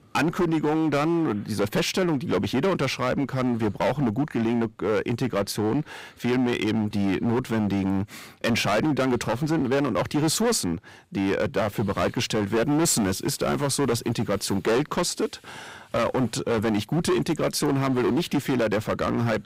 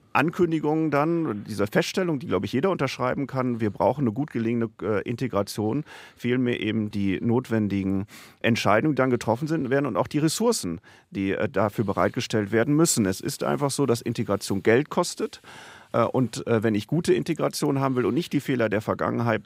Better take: second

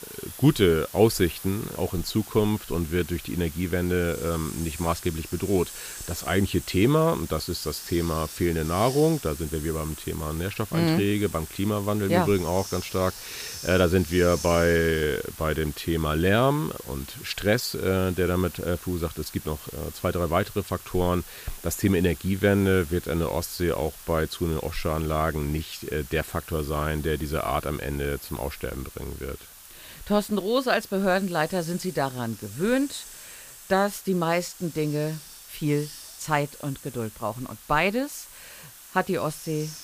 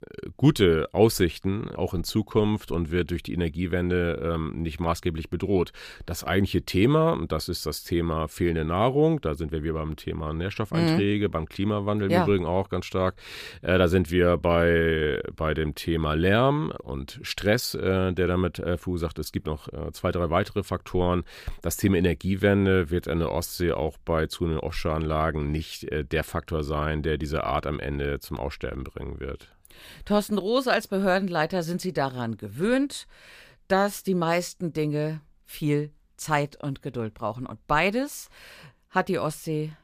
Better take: second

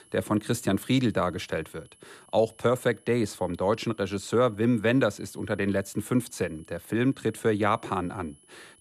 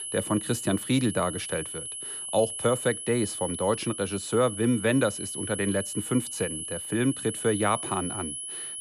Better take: first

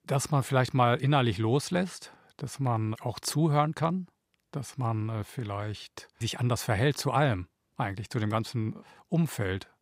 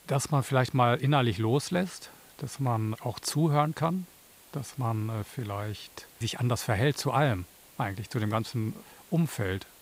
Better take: first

